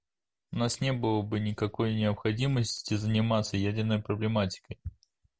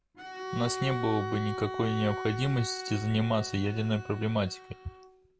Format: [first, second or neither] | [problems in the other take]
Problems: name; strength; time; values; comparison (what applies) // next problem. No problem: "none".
first | background sound (Bowed string instrument); 8 dB below the speech